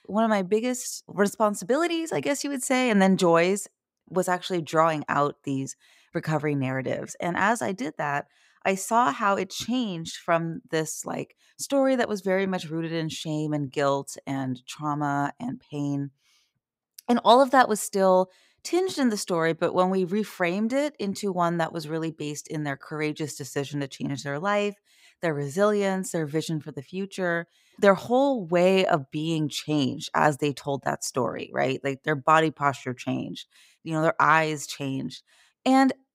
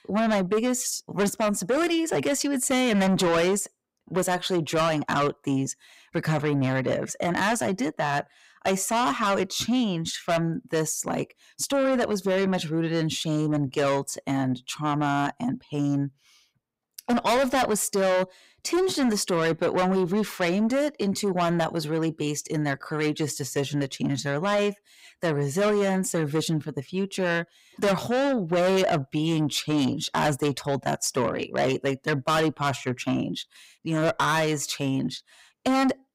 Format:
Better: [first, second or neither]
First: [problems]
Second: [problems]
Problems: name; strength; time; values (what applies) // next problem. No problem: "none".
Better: first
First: none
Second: distortion; heavy; 6 dB below the speech